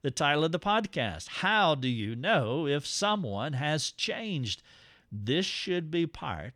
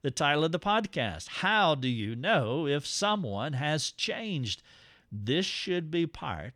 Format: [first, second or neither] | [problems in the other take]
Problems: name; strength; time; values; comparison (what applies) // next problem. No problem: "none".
neither | none